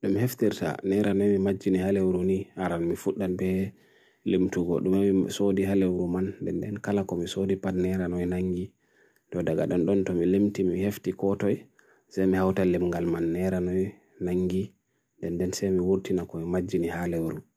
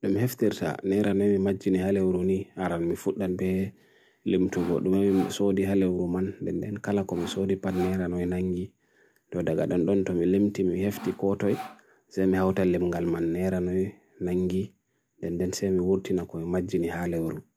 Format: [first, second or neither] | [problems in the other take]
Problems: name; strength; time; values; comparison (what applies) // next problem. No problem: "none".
first | background sound (Sawing); 15 dB below the speech